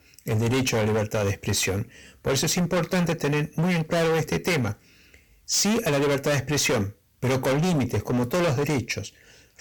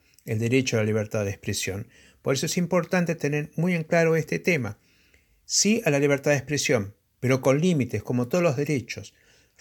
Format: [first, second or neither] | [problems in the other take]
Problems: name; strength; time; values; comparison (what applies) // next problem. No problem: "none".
second | distortion; heavy; 24% of the sound clipped